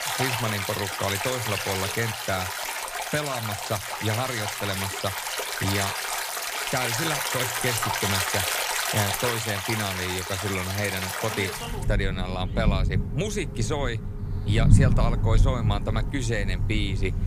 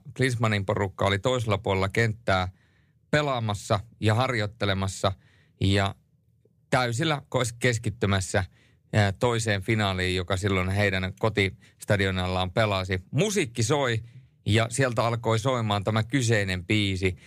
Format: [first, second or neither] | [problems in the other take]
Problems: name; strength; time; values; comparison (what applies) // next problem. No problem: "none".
second | rain or running water; very loud; throughout; 2 dB above the speech